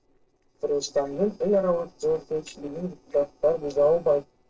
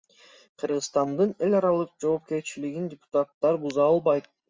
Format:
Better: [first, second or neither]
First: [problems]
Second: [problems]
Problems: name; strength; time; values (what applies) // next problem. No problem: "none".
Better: second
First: noise reduction (neural separator model SepFormer DNS4)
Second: none